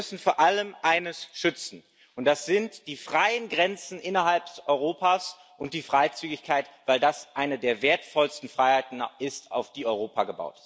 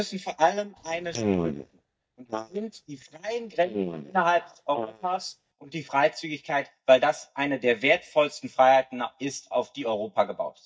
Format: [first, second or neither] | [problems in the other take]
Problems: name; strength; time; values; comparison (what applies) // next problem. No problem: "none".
first | noise reduction (neural mask model DeepFilterNet 3)